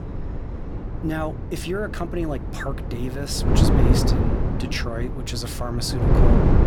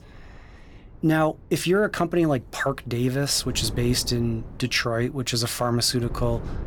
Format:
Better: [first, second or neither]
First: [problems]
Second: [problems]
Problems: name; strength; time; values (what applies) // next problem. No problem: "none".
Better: second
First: wind noise on the microphone; heavy; as loud as the speech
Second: wind noise on the microphone; occasional gusts; 20 dB below the speech